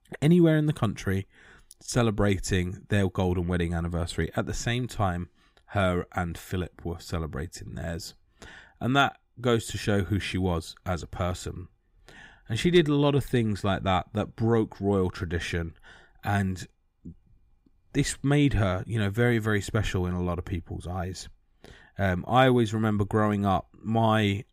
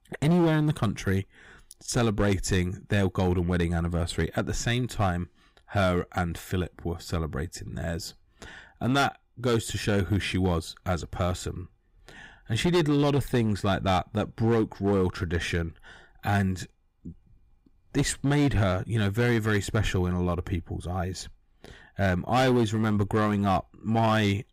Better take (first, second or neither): first